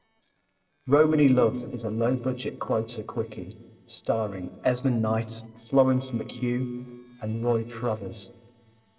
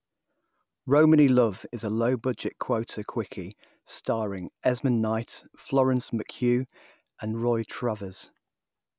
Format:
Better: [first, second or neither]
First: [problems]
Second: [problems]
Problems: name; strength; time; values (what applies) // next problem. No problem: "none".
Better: second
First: noise reduction (neural separator model SepFormer DNS4)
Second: none